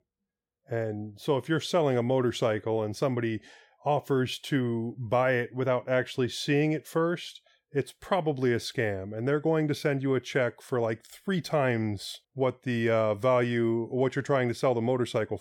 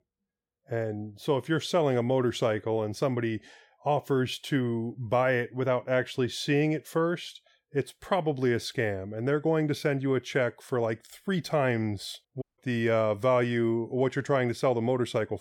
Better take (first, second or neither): first